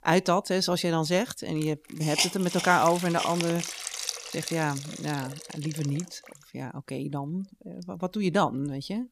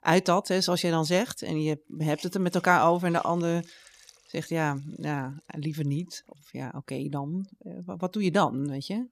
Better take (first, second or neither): second